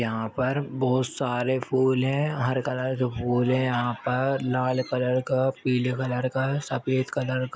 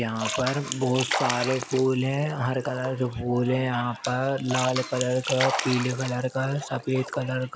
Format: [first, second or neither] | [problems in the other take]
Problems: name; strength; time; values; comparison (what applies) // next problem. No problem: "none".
first | background sound (Splash, splatter); 8 dB below the speech